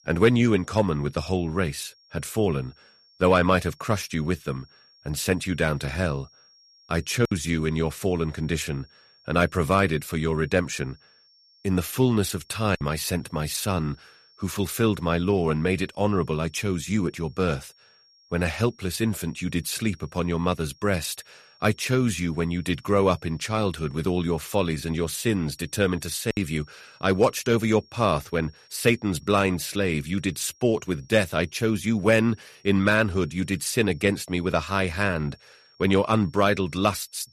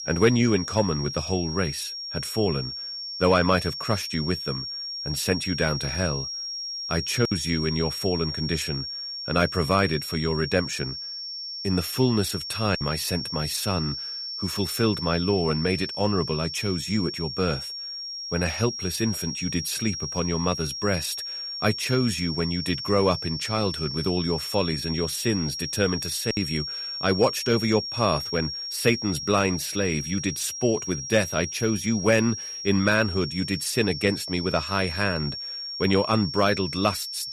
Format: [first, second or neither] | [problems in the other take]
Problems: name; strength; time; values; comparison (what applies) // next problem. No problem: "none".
first | high-pitched whine; loud; throughout; 5.5 kHz, 5 dB below the speech; faint in the first